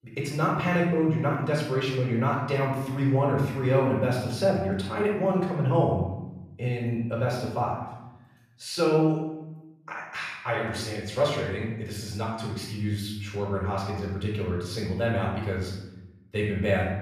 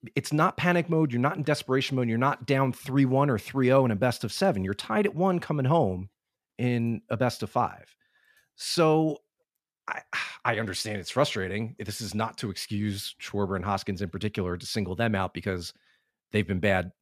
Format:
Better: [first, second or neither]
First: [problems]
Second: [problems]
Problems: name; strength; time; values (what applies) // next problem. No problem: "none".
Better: second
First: off-mic speech; far // room echo; noticeable; dies away in 1 s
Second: none